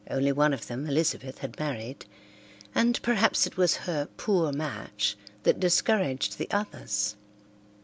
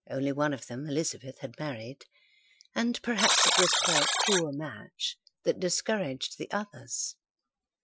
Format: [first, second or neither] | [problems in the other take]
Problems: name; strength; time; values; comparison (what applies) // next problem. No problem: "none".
first | noise reduction (classical method Wiener filter)